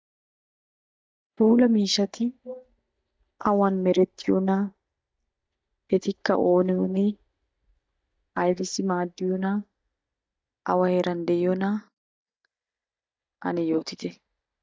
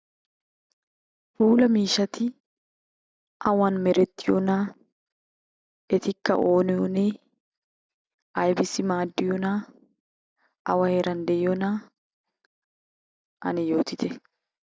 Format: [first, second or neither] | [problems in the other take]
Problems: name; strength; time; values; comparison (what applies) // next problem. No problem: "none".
second | noise reduction (neural mask model DeepFilterNet 3)